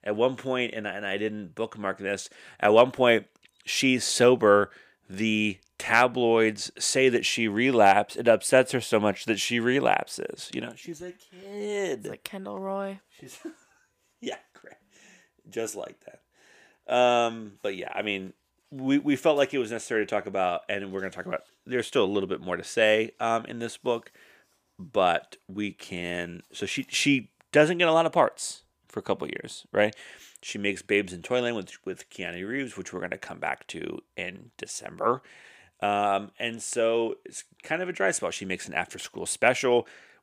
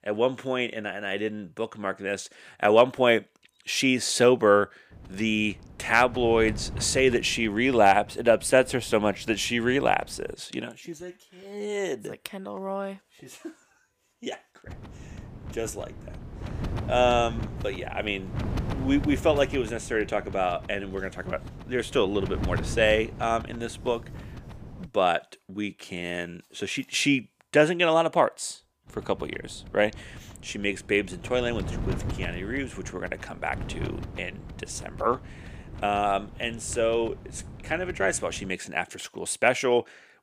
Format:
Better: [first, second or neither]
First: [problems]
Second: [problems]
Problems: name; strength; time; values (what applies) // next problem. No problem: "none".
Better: first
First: none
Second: wind noise on the microphone; occasional gusts; from 5 to 10 s, from 15 to 25 s and from 29 to 39 s; 20 dB below the speech